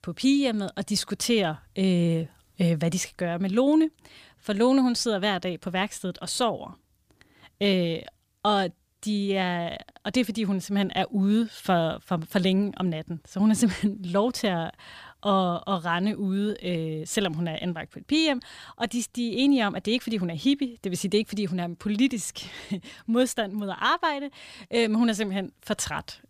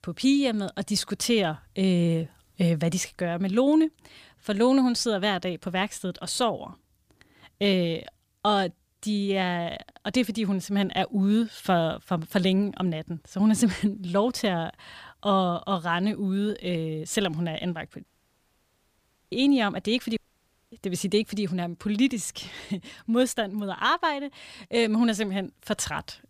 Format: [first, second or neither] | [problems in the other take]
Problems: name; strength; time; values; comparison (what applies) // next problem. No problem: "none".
first | audio cutting out; at 18 s for 1.5 s and at 20 s for 0.5 s